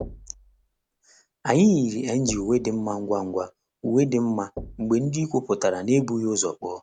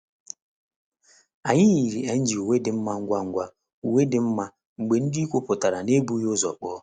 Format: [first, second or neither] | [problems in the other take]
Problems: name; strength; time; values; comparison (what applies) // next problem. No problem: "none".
second | background sound (Knock / Wood); 20 dB below the speech